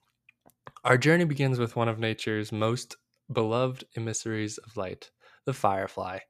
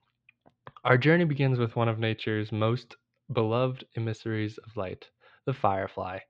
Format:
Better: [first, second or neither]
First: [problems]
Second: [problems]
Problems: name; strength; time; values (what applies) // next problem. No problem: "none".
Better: first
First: none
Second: muffled; slightly; fading above 3.5 kHz